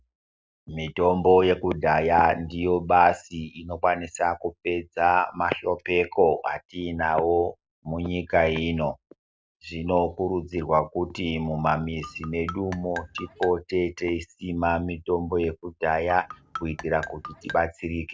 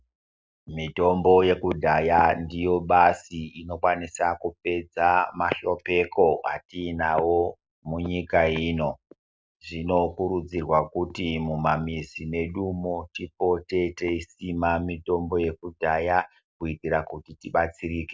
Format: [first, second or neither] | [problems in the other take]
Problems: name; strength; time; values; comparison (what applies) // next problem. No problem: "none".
second | background sound (Marimba, xylophone); 14 dB below the speech